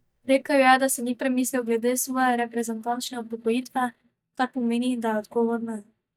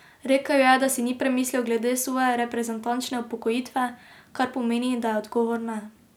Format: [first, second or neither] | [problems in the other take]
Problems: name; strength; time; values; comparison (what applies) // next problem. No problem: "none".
second | noise reduction (neural mask model DeepFilterNet 3)